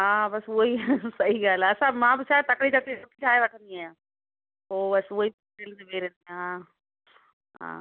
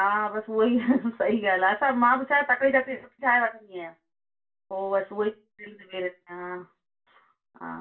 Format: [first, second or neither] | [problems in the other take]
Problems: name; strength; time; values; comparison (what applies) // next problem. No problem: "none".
first | room echo; dies away in 0.2 s